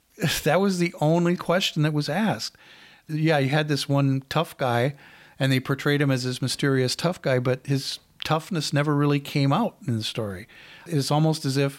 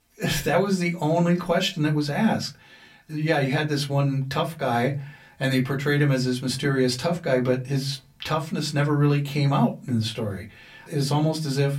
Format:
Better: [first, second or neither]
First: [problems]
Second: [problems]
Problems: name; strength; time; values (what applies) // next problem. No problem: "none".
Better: first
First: none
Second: off-mic speech; far // room echo; very slight; dies away in 0.2 s